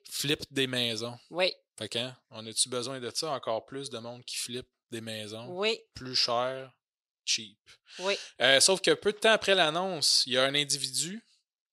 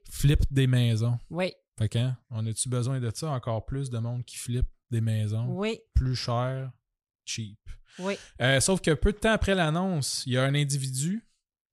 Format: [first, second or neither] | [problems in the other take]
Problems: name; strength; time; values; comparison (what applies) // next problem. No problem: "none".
second | thin; very; fading below 400 Hz